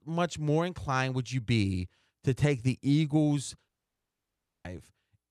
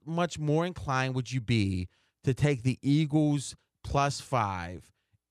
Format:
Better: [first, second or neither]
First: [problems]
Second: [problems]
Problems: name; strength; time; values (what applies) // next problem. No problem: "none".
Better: second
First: audio cutting out; at 3.5 s for 1 s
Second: none